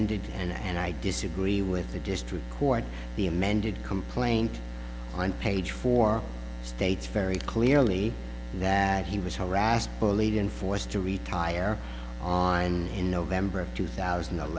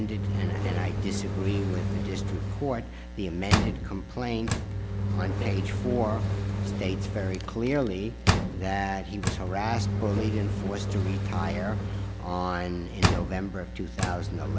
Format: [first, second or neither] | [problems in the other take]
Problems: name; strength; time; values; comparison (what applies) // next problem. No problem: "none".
first | background sound (Engine); 2 dB above the speech